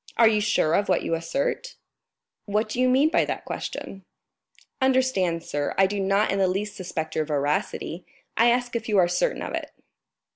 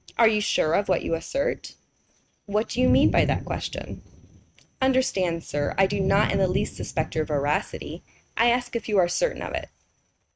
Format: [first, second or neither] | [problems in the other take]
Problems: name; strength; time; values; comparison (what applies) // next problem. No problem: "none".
first | noise reduction (neural mask model RNNoise)